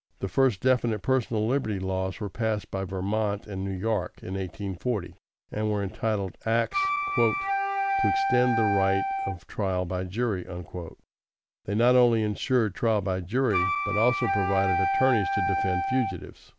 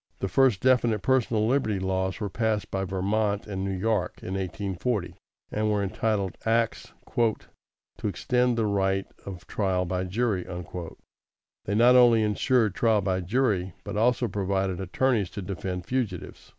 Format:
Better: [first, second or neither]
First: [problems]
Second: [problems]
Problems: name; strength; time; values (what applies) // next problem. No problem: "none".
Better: second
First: background sound (Wind instrument, woodwind instrument); as loud as the speech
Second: none